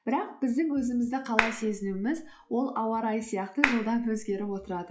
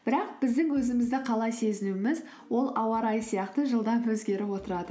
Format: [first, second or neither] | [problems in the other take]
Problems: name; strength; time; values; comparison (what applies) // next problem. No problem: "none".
second | noise reduction (classical method log-MMSE)